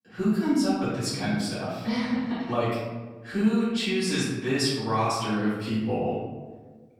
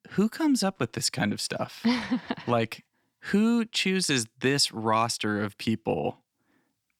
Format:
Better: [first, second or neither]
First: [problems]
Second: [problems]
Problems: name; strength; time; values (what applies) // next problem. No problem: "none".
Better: second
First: off-mic speech; far // room echo; noticeable; dies away in 1.3 s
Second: none